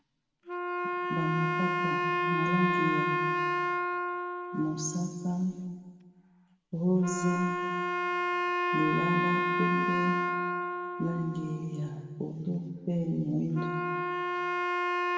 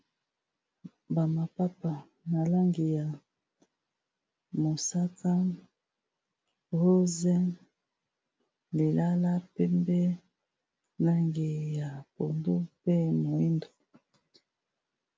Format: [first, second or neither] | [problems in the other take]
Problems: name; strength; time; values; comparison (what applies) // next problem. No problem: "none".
second | background sound (Wind instrument, woodwind instrument); 1 dB above the speech // room echo; dies away in 1.5 s